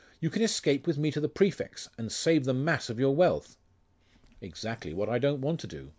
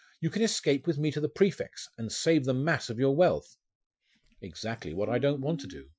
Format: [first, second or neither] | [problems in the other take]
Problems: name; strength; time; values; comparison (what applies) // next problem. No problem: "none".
first | noise reduction (classical method Wiener filter)